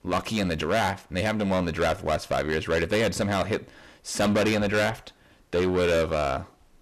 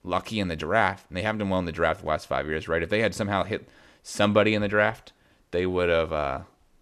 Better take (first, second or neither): second